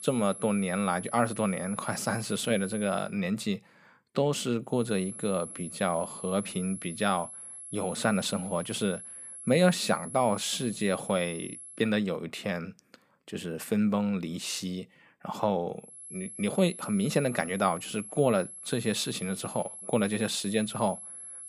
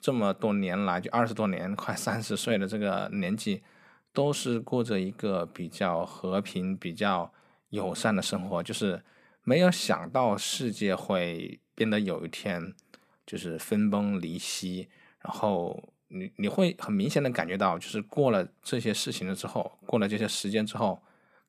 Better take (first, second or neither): second